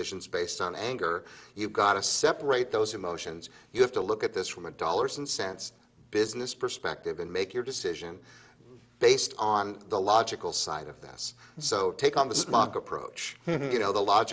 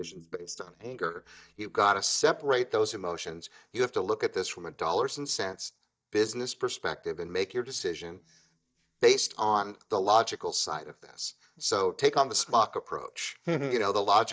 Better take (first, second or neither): first